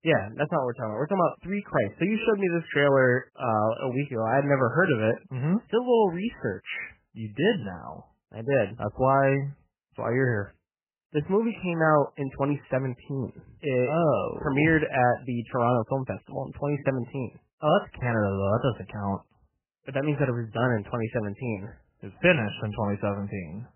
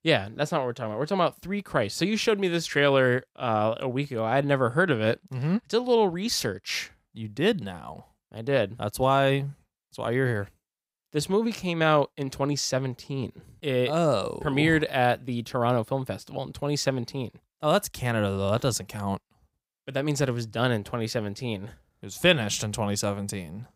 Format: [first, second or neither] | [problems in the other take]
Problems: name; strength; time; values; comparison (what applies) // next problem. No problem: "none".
second | garbled, watery; badly; nothing above 3 kHz